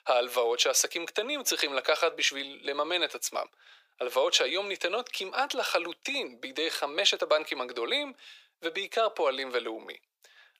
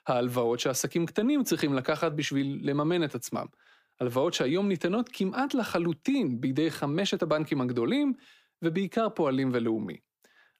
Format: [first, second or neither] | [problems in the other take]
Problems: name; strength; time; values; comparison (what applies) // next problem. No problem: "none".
second | thin; very; fading below 500 Hz